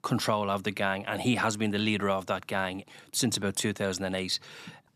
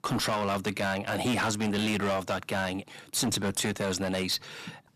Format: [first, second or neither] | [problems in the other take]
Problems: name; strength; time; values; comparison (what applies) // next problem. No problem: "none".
first | distortion; heavy; 15% of the sound clipped